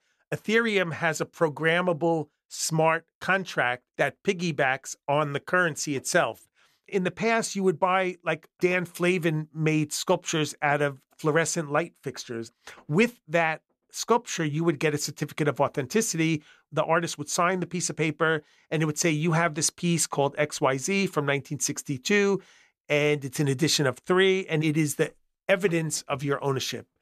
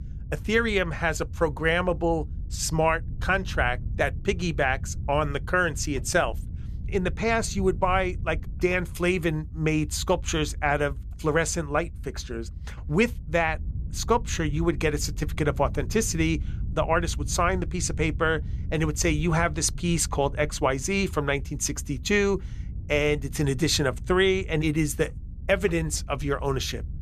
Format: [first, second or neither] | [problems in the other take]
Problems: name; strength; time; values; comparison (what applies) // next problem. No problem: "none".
first | low rumble; faint; throughout; 25 dB below the speech